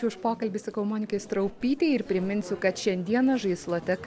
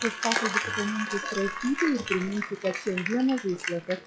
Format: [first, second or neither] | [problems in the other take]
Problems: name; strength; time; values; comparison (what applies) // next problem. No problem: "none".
first | noise reduction (classical method log-MMSE)